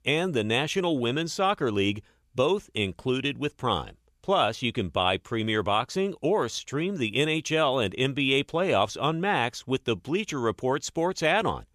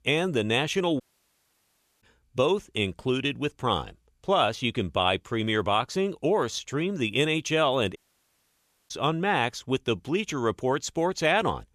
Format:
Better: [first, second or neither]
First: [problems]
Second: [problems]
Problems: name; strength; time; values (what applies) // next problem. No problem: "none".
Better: first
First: none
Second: audio cutting out; at 1 s for 1 s and at 8 s for 1 s